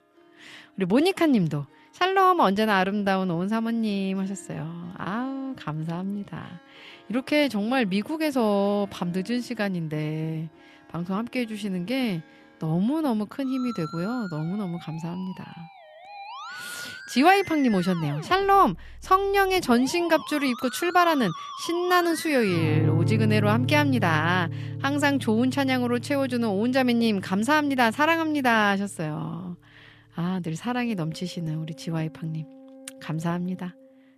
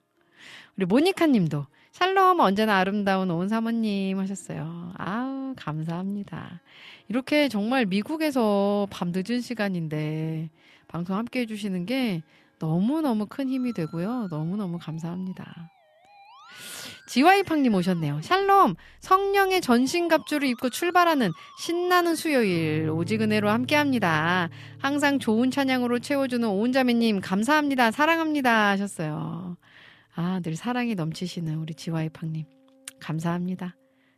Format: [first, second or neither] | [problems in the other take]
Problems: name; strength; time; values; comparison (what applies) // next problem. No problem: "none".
second | background music; loud; throughout; 9 dB below the speech; faint in the second